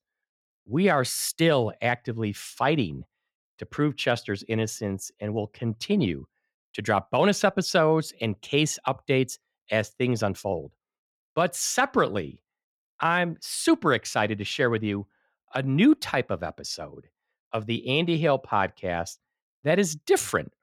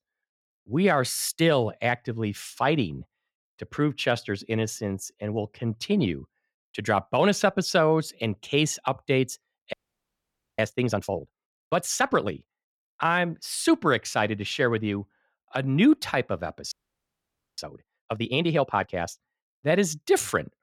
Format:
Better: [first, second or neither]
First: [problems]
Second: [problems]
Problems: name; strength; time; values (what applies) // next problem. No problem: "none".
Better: first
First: none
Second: audio freezing; at 9.5 s for 1 s and at 17 s for 1 s